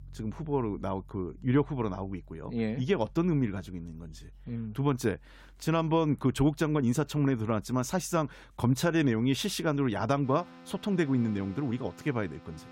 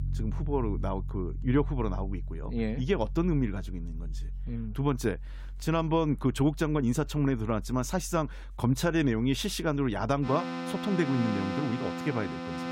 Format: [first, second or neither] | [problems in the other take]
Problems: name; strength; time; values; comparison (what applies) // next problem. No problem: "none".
first | background music; loud; throughout; 8 dB below the speech; faint in the first